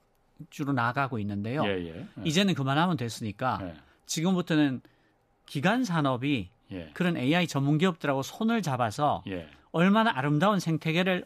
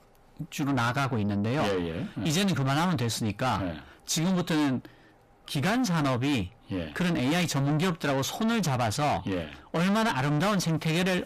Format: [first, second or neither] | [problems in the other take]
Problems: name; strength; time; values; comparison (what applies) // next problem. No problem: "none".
first | distortion; heavy; 6 dB below the speech